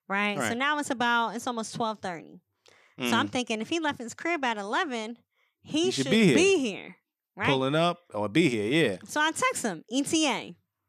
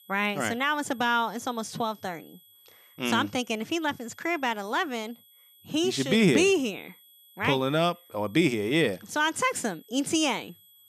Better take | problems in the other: first | high-pitched whine; faint; throughout; 12 kHz, 25 dB below the speech

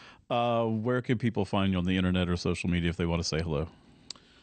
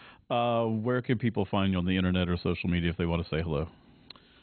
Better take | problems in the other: first | garbled, watery; badly; nothing above 4 kHz; slightly in the first

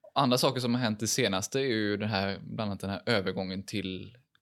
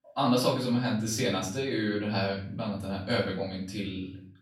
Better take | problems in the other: first | off-mic speech; far // room echo; slight; dies away in 0.5 s

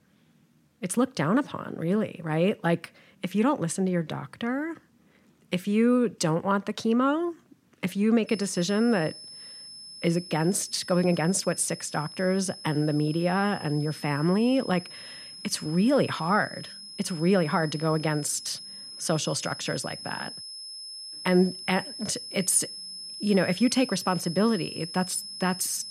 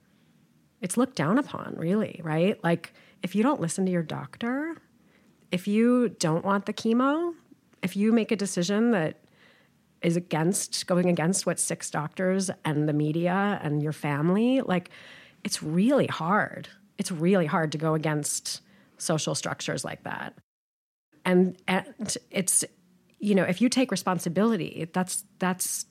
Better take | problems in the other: second | high-pitched whine; noticeable; from 8.5 s on; 5 kHz, 10 dB below the speech

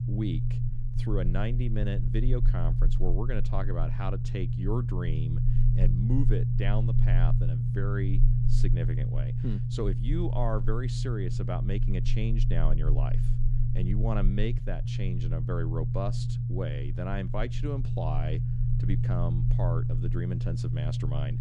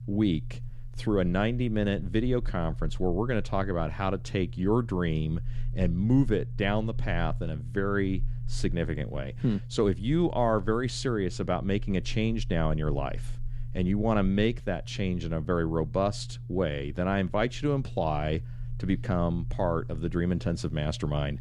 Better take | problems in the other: second | low rumble; loud; throughout; 4 dB below the speech; faint in the second

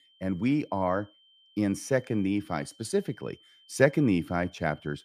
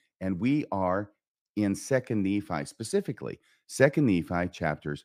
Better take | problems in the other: second | high-pitched whine; faint; throughout; 3 kHz, 30 dB below the speech

